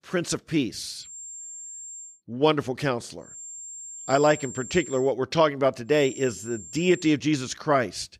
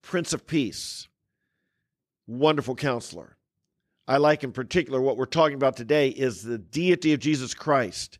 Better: second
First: high-pitched whine; noticeable; from 1 to 2 s, from 3.5 to 5 s and from 6 to 7 s; 7.5 kHz, 15 dB below the speech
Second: none

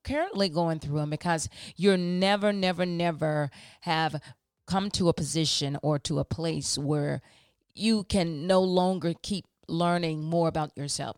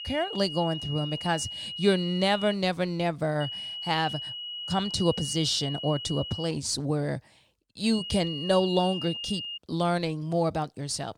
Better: first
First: none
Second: high-pitched whine; loud; until 2.5 s, from 3.5 to 6.5 s and from 8 to 9.5 s; 3 kHz, 7 dB below the speech

